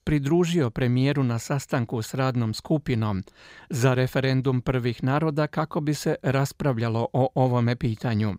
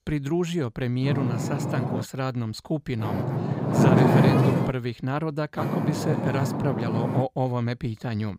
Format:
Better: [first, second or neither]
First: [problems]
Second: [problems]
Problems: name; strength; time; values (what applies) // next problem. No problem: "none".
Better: first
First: none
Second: wind noise on the microphone; heavy; at 1 s, from 3 to 4.5 s and from 5.5 to 7 s; 3 dB above the speech